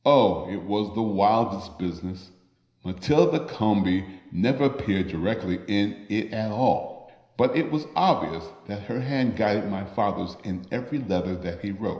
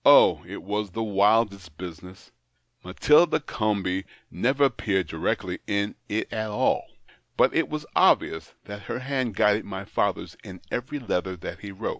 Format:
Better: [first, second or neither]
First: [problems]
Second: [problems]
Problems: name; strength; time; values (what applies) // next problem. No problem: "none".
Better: second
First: room echo; dies away in 0.9 s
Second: none